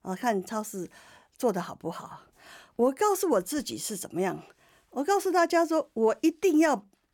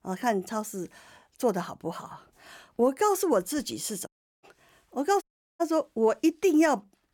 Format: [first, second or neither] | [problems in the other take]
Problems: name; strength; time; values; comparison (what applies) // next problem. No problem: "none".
first | audio cutting out; at 4 s and at 5 s